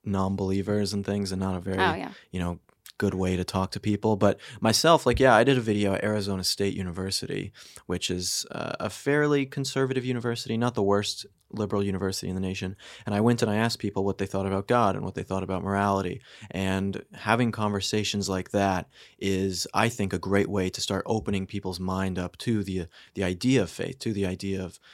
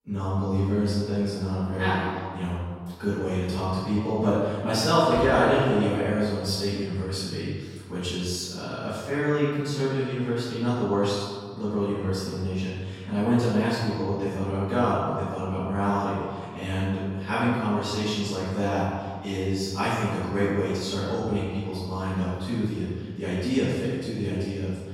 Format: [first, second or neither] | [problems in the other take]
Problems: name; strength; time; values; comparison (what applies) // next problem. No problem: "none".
first | room echo; strong; dies away in 1.6 s // off-mic speech; far